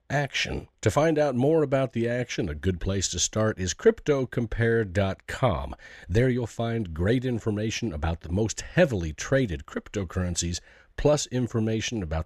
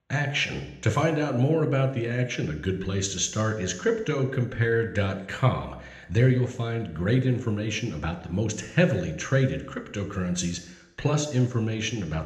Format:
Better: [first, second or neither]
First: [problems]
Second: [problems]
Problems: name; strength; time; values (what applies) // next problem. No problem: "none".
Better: first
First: none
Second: room echo; slight; dies away in 0.8 s